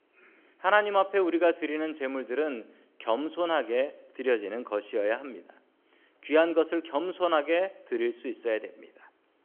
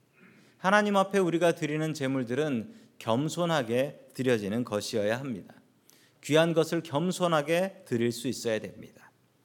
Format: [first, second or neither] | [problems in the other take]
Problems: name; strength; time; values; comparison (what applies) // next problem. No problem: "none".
second | phone-call audio